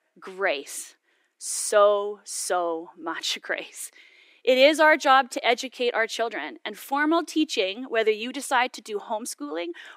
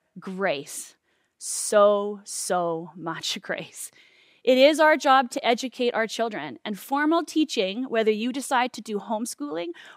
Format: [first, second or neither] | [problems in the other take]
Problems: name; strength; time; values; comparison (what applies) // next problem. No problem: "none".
second | thin; very slightly; fading below 300 Hz